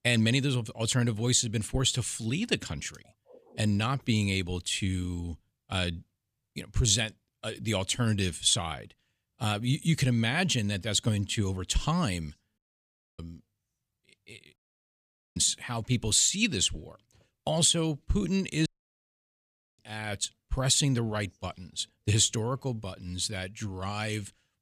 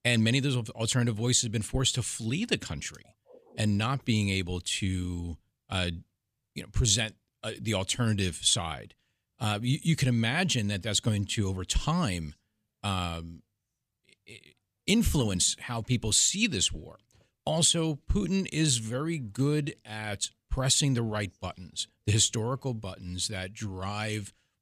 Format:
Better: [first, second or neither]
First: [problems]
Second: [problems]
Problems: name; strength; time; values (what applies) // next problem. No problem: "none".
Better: second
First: audio cutting out; at 13 s for 0.5 s, at 15 s for 1 s and at 19 s for 1 s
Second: none